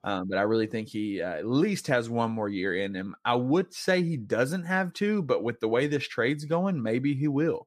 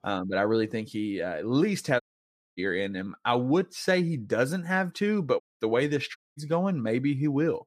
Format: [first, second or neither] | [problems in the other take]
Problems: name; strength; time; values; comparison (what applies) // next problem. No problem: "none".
first | audio cutting out; at 2 s for 0.5 s, at 5.5 s and at 6 s